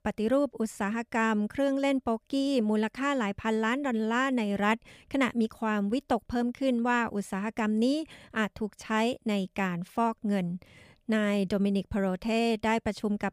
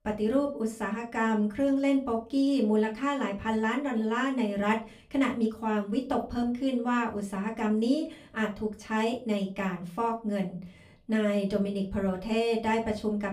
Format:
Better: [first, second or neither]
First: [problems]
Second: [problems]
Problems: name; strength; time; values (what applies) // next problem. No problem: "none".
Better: first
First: none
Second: off-mic speech; far // room echo; very slight; dies away in 0.3 s